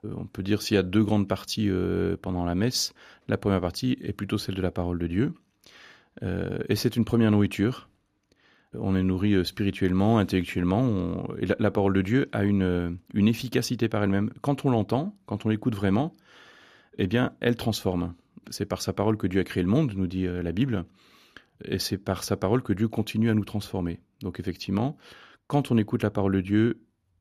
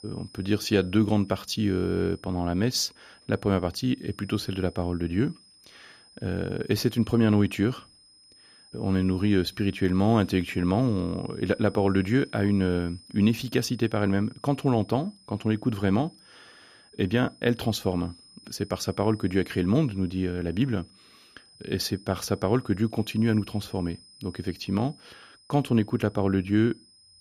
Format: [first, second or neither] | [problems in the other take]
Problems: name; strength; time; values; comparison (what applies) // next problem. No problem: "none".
first | high-pitched whine; faint; throughout; 5 kHz, 25 dB below the speech